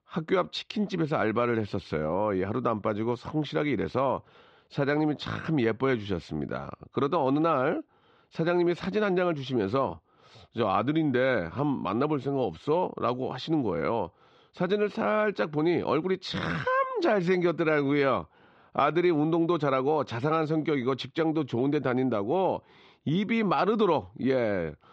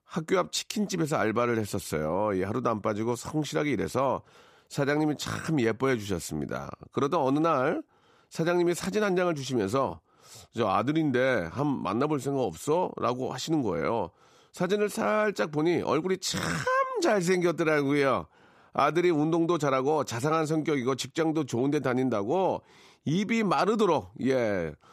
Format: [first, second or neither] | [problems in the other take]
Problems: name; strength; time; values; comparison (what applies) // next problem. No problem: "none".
second | muffled; slightly; fading above 4 kHz